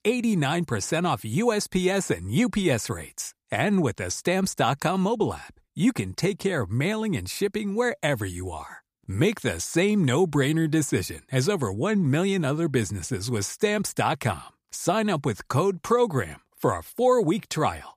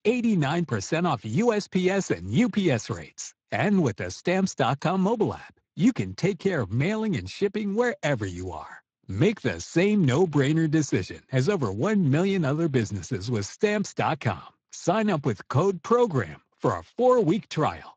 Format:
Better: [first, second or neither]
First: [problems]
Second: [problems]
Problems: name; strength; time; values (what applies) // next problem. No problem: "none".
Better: first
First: none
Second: garbled, watery; slightly; nothing above 7.5 kHz